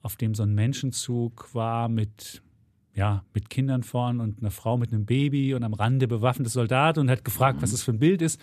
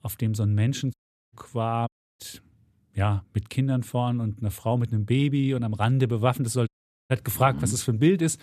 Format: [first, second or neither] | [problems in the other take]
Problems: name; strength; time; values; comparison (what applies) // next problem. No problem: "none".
first | audio cutting out; at 1 s, at 2 s and at 6.5 s